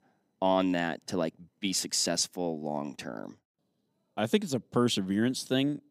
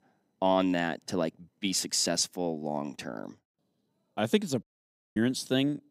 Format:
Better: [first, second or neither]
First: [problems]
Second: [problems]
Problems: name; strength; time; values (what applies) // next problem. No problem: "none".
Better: first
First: none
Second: audio cutting out; at 4.5 s for 0.5 s